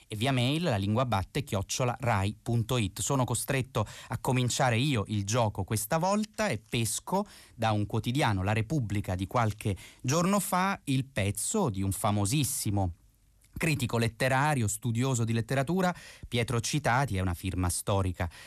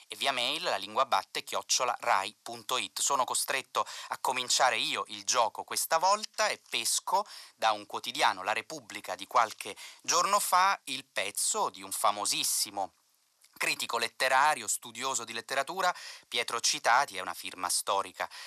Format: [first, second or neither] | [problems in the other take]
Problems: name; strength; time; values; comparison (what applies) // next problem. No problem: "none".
first | thin; very; fading below 750 Hz